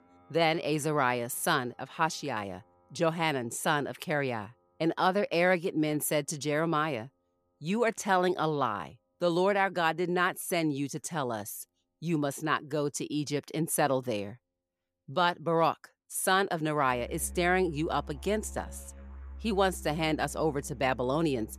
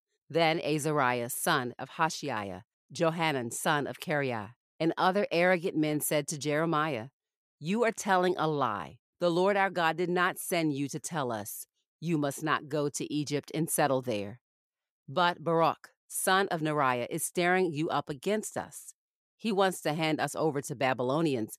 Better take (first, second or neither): second